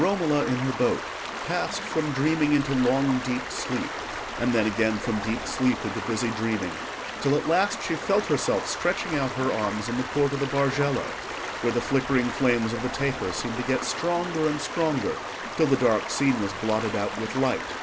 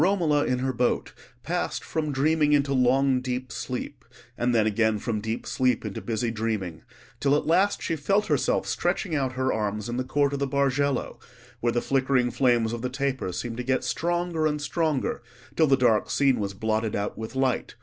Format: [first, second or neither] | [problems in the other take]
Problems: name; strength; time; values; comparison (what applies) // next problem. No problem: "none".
second | background sound (Stream); 7 dB below the speech